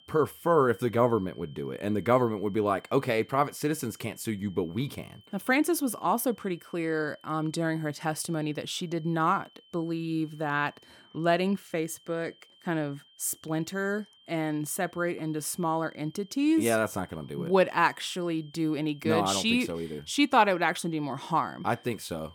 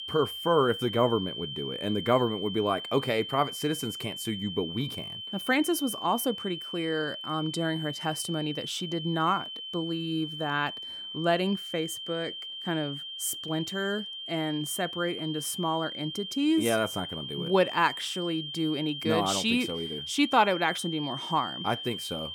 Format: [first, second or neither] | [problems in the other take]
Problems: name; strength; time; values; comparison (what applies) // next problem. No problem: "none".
first | high-pitched whine; loud; throughout; 3 kHz, 7 dB below the speech; faint in the first